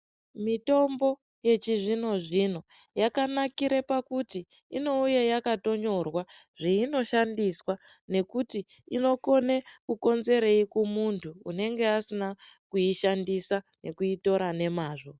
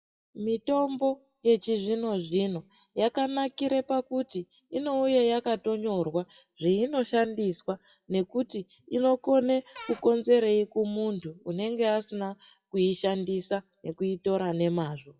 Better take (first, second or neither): first